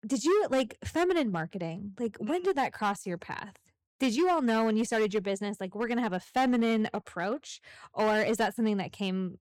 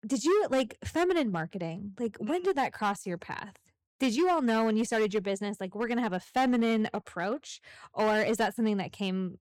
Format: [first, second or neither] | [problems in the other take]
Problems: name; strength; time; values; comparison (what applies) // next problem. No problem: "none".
neither | distortion; slight; 6% of the sound clipped; the same in both